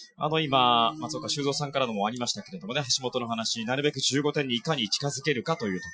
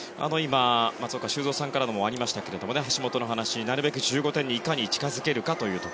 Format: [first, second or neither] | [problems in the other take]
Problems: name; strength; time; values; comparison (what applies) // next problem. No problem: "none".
second | noise reduction (classical method Wiener filter)